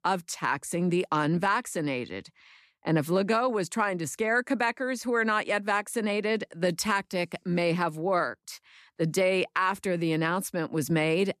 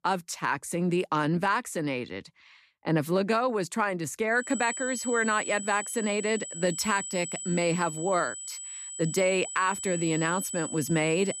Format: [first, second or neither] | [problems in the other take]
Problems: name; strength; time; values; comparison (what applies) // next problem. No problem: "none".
first | high-pitched whine; loud; from 4.5 s on; 8 kHz, 7 dB below the speech